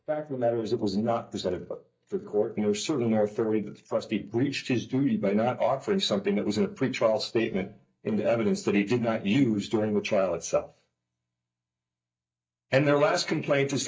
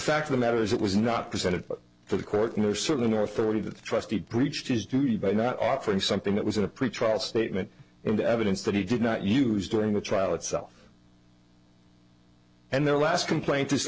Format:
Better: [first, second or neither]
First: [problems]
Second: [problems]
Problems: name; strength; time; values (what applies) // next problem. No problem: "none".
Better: second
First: noise reduction (neural mask model DeepFilterNet 3)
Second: none